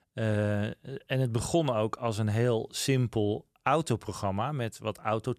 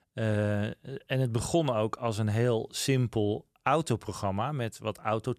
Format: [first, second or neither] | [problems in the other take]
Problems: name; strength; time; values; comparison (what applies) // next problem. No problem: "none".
neither | none